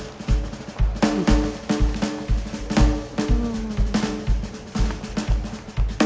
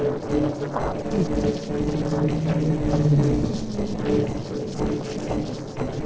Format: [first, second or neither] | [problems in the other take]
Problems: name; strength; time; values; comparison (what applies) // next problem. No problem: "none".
first | noise reduction (neural separator model SepFormer DNS4)